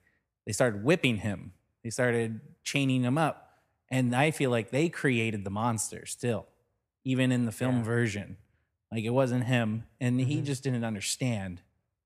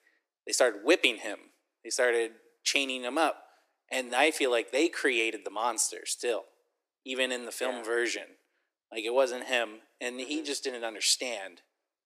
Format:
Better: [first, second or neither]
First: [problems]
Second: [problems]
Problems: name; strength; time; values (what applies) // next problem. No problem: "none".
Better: first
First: none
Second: thin; very; fading below 300 Hz